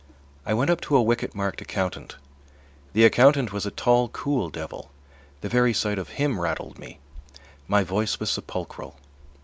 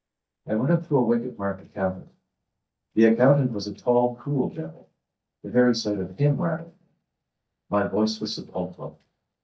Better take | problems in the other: first | noise reduction (neural mask model DeepFilterNet 3)

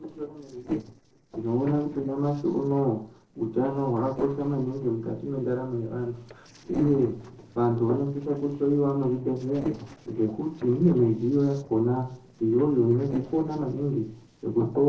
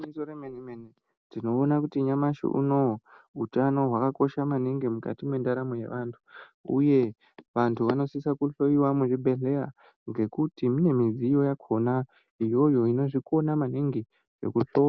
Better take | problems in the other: second | noise reduction (neural separator model SepFormer DNS4)

